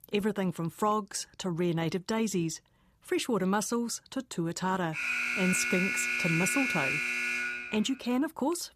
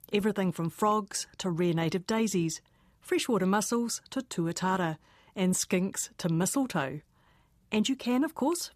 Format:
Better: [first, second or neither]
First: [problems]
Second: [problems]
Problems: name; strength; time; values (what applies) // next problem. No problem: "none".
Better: second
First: alarm; loud; from 5 to 8 s; peak 3 dB above the speech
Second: none